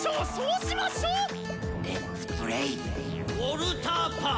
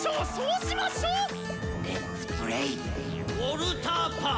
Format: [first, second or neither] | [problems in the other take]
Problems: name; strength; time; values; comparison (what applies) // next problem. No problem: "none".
first | background sound (Squeak); 18 dB below the speech